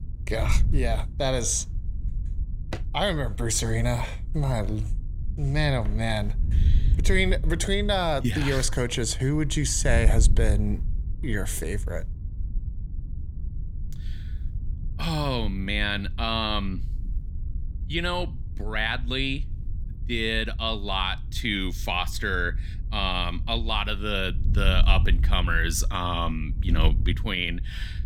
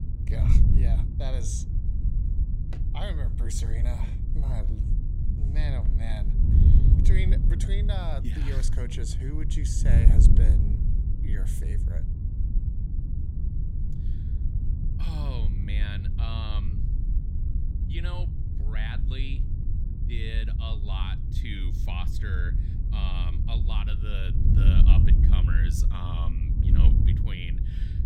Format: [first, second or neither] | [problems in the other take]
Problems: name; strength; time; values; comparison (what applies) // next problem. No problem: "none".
first | wind noise on the microphone; heavy; 3 dB below the speech; occasional gusts in the first